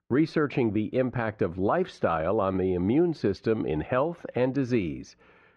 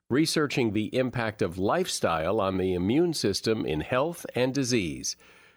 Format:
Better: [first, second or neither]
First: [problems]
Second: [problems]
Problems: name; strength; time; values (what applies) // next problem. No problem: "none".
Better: second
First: muffled; very; fading above 2 kHz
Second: none